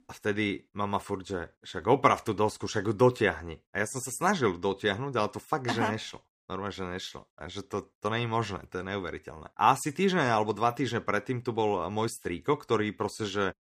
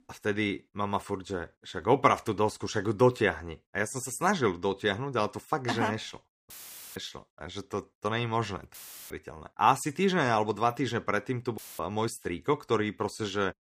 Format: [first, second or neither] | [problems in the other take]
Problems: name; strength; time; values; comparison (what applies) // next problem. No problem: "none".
first | audio cutting out; filled with static; at 6.5 s, at 8.5 s and at 12 s